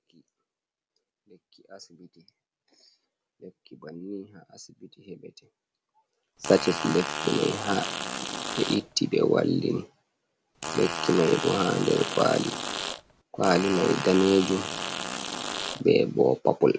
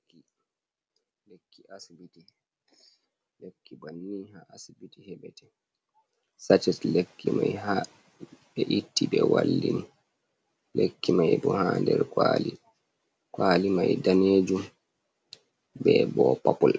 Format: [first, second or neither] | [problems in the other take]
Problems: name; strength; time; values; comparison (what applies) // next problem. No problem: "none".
second | background sound (Fart); 6 dB below the speech